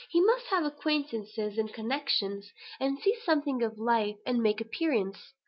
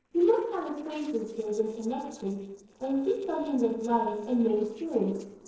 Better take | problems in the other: first | noise reduction (neural separator model SepFormer DNS4)

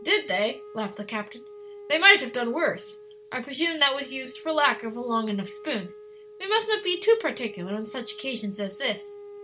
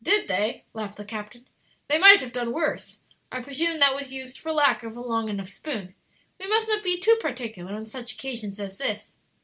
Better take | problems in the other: second | background sound (Wind instrument, woodwind instrument); 16 dB below the speech

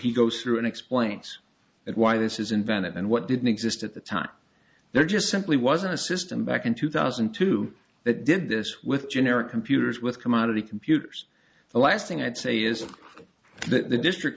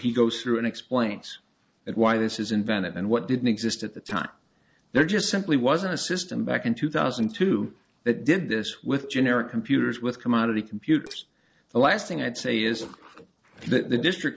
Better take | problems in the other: first | noise reduction (neural separator model SepFormer DNS4)

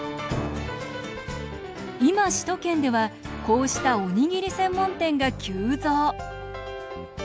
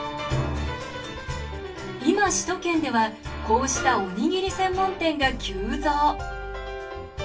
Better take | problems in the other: first | room echo; dies away in 0.2 s

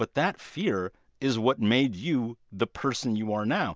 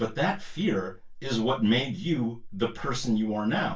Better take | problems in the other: first | room echo; dies away in 0.2 s

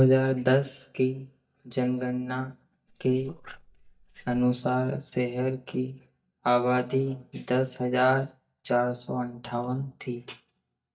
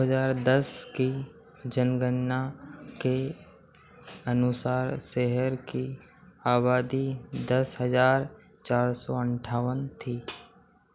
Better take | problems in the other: second | noise reduction (neural mask model DeepFilterNet 3)

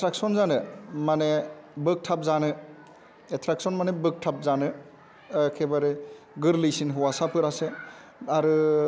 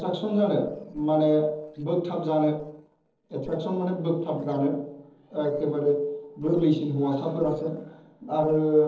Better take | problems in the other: first | noise reduction (neural separator model SepFormer DNS4)

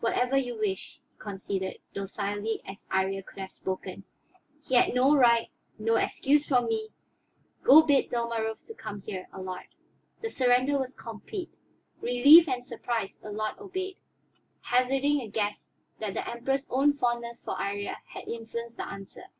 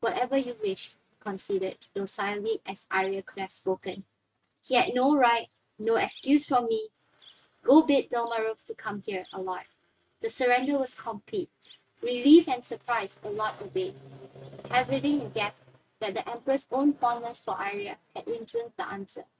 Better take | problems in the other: first | noise reduction (neural mask model RNNoise)

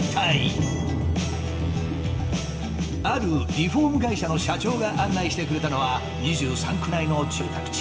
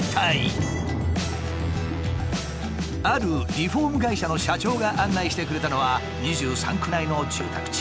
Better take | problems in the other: second | room echo; dies away in 2.9 s

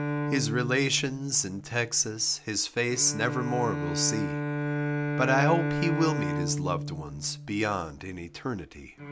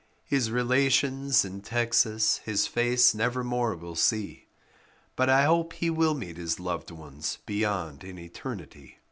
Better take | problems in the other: second | background sound (Bowed string instrument); 3 dB below the speech

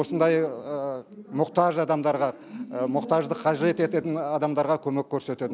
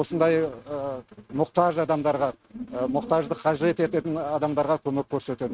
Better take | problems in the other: first | noise reduction (neural mask model RNNoise)

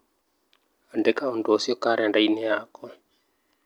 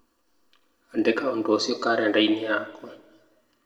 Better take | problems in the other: first | room echo; dies away in 0.9 s

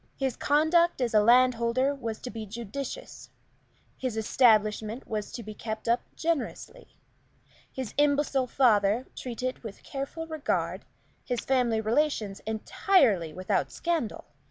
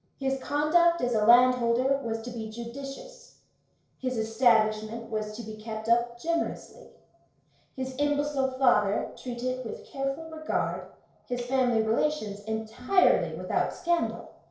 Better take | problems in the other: first | noise reduction (neural separator model SepFormer DNS4)

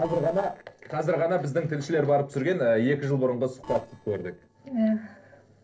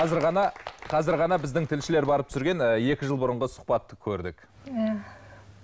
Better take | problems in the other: second | noise reduction (neural separator model SepFormer DNS4)

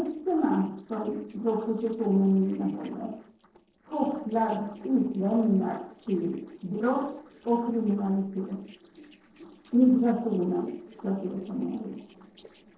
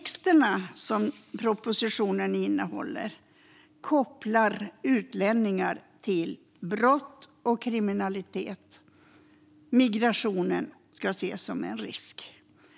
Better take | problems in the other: second | noise reduction (neural separator model SepFormer DNS4)

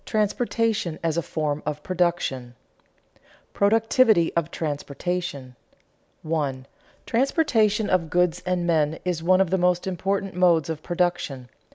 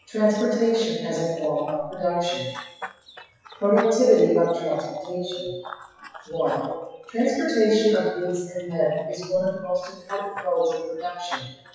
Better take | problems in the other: first | noise reduction (classical method WPE with log-MMSE)

